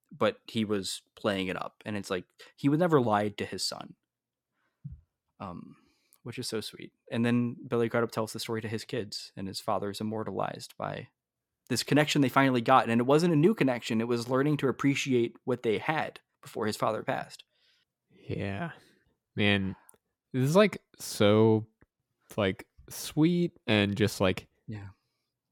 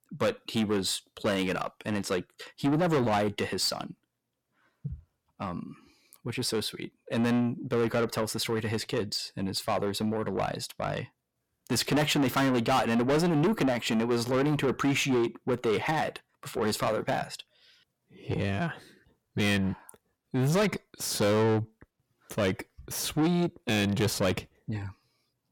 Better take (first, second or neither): first